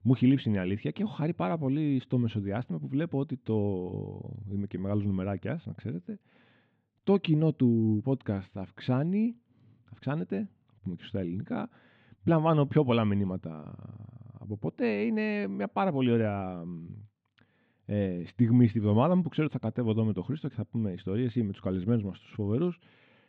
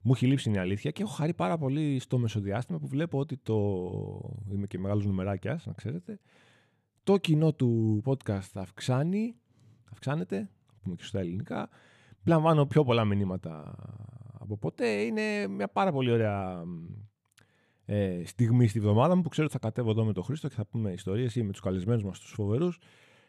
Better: second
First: muffled; slightly; fading above 3.5 kHz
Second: none

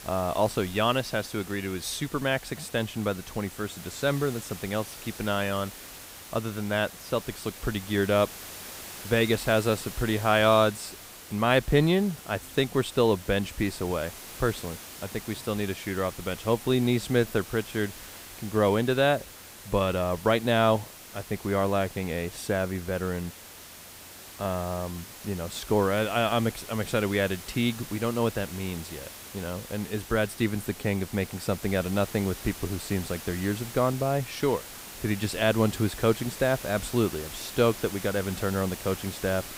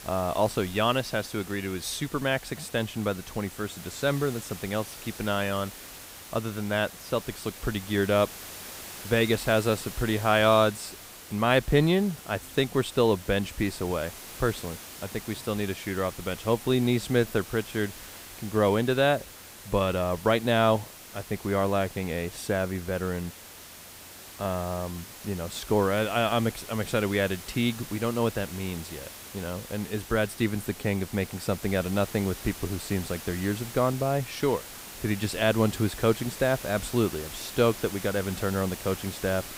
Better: neither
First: hiss; noticeable; throughout; 15 dB below the speech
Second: hiss; noticeable; throughout; 15 dB below the speech

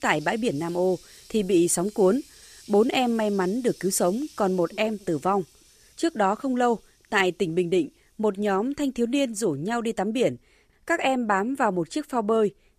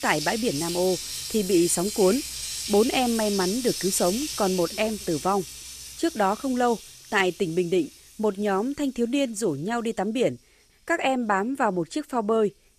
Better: first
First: household noises; faint; throughout; 25 dB below the speech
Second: household noises; loud; throughout; 7 dB below the speech

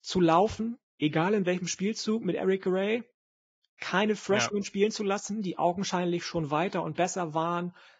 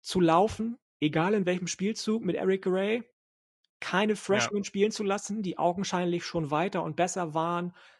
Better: second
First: garbled, watery; badly; nothing above 7.5 kHz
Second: garbled, watery; slightly; nothing above 11.5 kHz

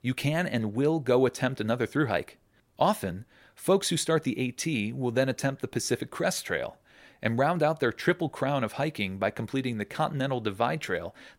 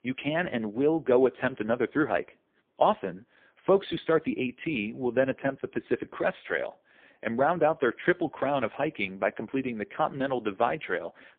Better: first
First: none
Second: phone-call audio; poor line

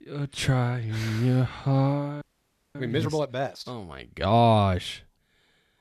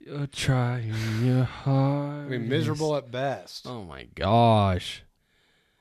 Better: second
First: audio freezing; at 2 s for 0.5 s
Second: none

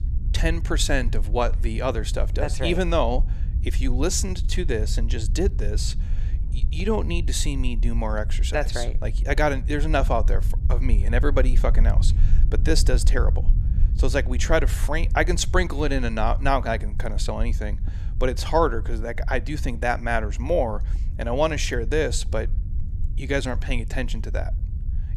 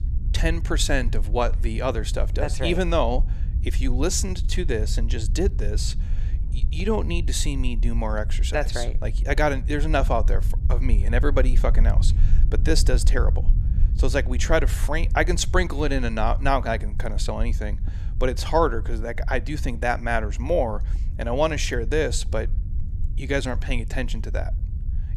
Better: neither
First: low rumble; noticeable; throughout; 20 dB below the speech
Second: low rumble; noticeable; throughout; 20 dB below the speech

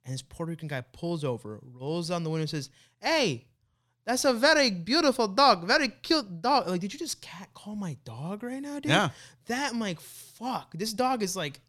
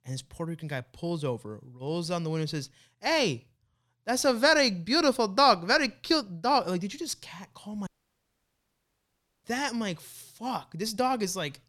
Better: first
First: none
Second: audio cutting out; at 8 s for 1.5 s

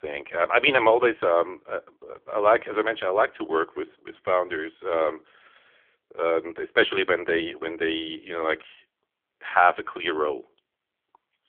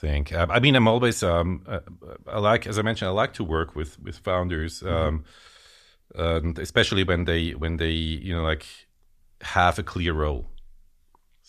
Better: second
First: phone-call audio; poor line; nothing above 3.5 kHz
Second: none

